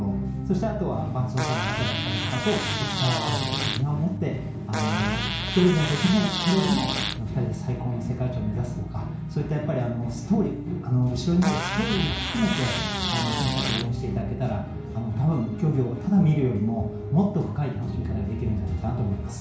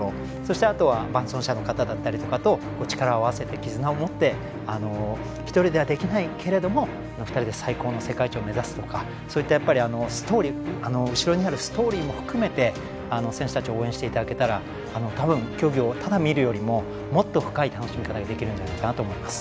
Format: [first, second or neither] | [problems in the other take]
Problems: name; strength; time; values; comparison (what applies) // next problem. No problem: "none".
second | background sound (Fart); 5 dB below the speech // room echo; dies away in 0.6 s